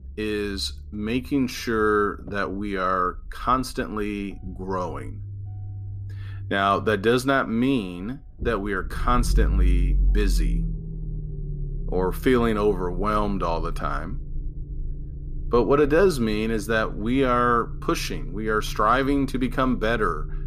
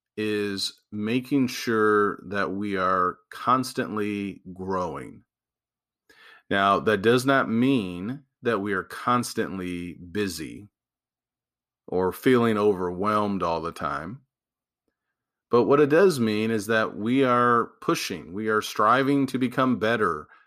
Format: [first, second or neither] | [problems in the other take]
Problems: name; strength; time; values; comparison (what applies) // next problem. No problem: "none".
second | low rumble; faint; throughout; 25 dB below the speech